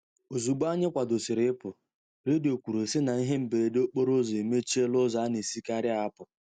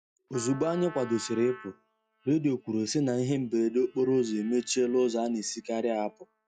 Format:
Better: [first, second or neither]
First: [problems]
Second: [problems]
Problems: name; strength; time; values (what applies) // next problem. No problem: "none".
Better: first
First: none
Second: noise reduction (classical method log-MMSE)